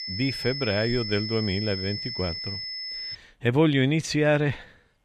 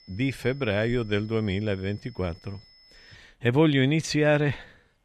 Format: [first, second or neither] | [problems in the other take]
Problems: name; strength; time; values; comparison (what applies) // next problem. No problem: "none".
second | high-pitched whine; loud; until 3 s; 5 kHz, 6 dB below the speech; faint in the second